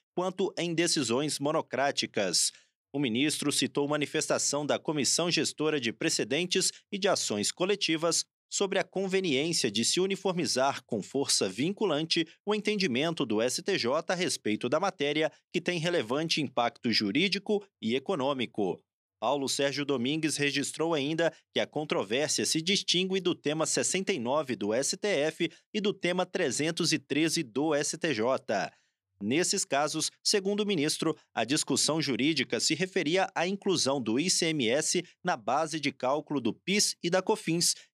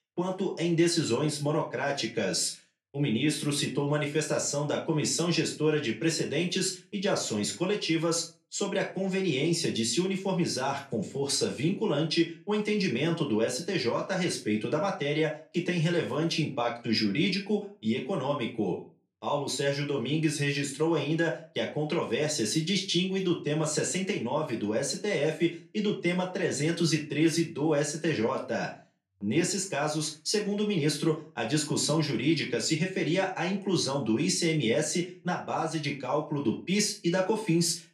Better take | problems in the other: first | off-mic speech; far // room echo; slight; dies away in 0.3 s

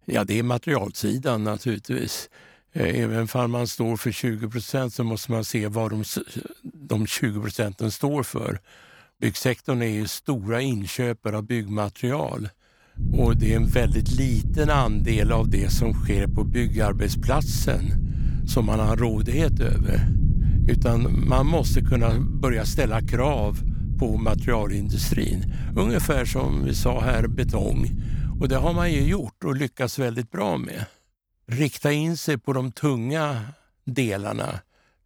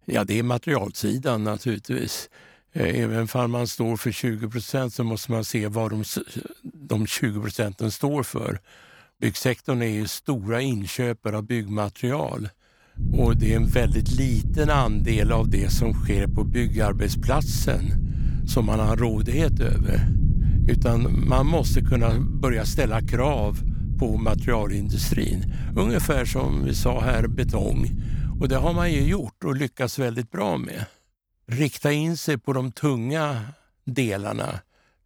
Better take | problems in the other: neither | low rumble; noticeable; from 13 to 29 s; 10 dB below the speech; the same in both

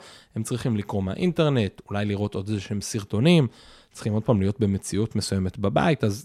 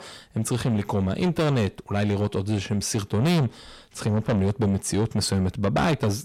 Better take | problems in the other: first | distortion; heavy; 7 dB below the speech

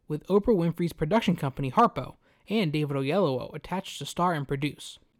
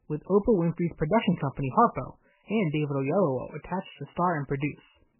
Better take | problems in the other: first | garbled, watery; badly; nothing above 3 kHz

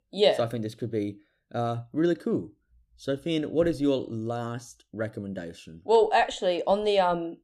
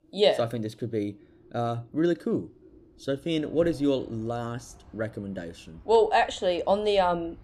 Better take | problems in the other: first | animal sounds; faint; throughout; 25 dB below the speech

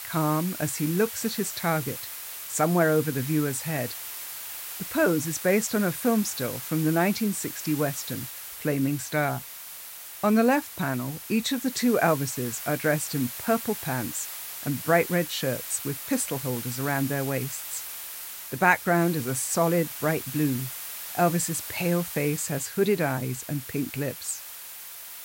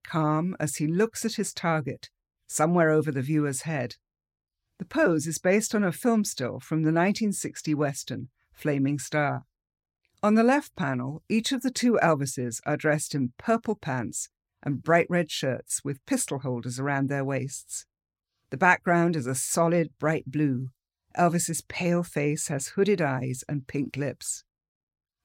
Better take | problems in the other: second | hiss; loud; throughout; 8 dB below the speech

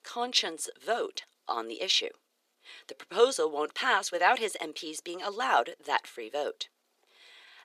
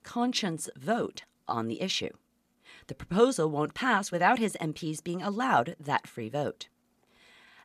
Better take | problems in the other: second | thin; very; fading below 400 Hz

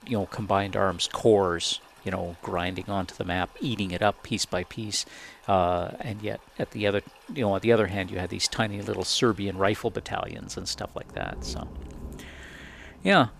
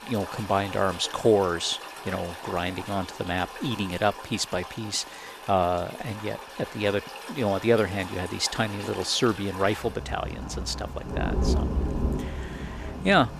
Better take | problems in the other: first | rain or running water; loud; throughout; 8 dB below the speech; faint in the first

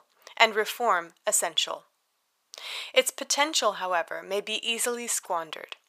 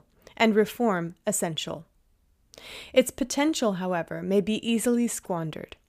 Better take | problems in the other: second | thin; very; fading below 800 Hz

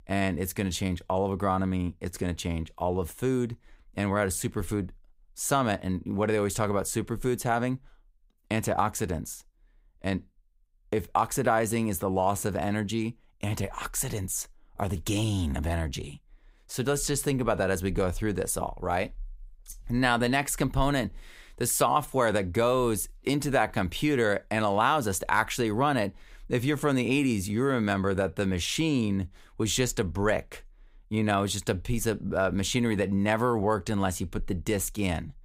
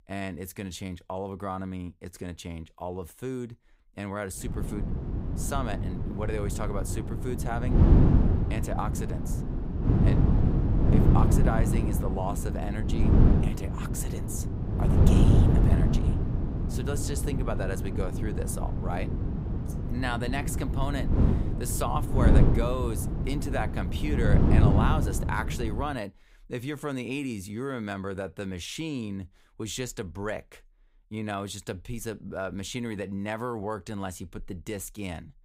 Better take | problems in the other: first | wind noise on the microphone; heavy; from 4.5 to 26 s; 1 dB below the speech

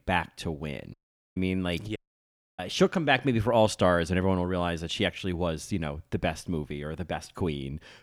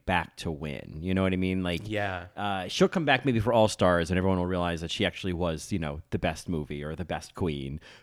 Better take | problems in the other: second | audio cutting out; at 1 s and at 2 s for 0.5 s

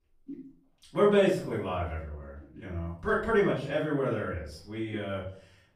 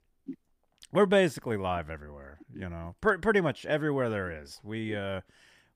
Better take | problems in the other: second | off-mic speech; far // room echo; noticeable; dies away in 0.5 s

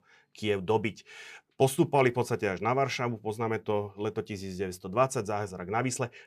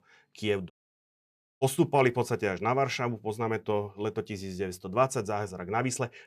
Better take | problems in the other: first | audio cutting out; at 0.5 s for 1 s

